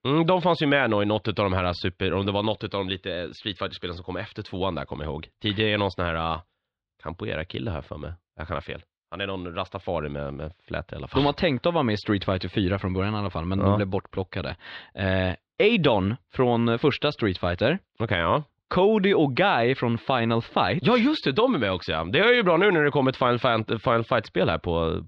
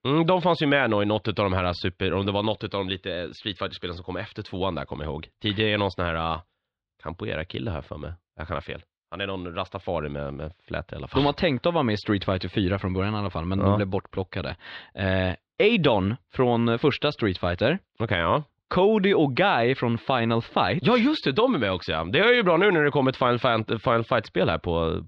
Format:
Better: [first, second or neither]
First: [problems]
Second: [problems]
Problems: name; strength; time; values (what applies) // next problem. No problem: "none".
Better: neither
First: muffled; slightly; fading above 4 kHz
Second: muffled; slightly; fading above 4 kHz